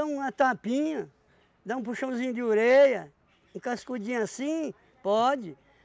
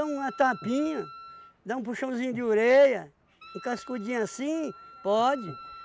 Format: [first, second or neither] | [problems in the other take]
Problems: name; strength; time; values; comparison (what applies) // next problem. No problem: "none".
first | background sound (Breathing + Wind instrument, woodwind instrument); 19 dB below the speech